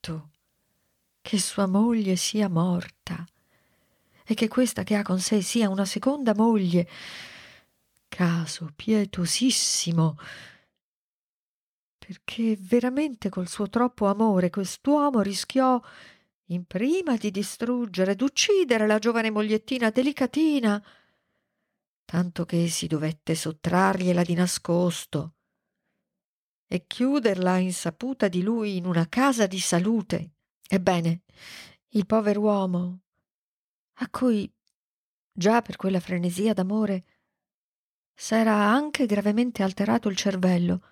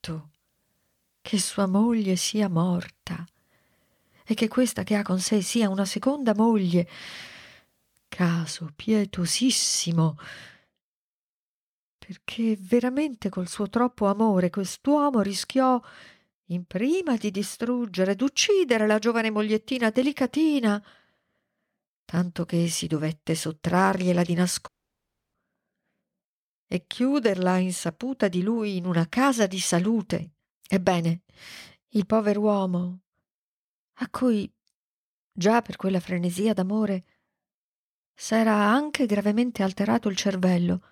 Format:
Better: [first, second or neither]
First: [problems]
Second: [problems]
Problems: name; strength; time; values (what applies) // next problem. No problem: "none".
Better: first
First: none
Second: audio cutting out; at 25 s for 0.5 s